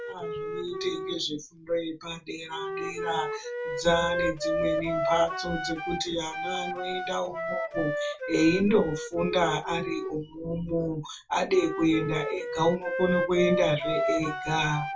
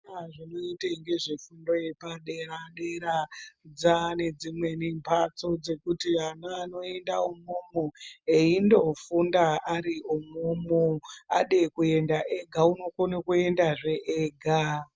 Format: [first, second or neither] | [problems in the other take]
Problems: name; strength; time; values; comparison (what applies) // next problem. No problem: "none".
second | background sound (Wind instrument, woodwind instrument); 3 dB below the speech // room echo; dies away in 0.2 s